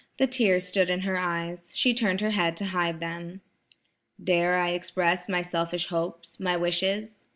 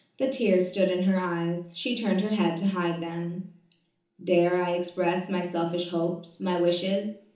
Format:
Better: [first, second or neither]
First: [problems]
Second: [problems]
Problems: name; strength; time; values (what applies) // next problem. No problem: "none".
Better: first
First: none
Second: room echo; dies away in 1.2 s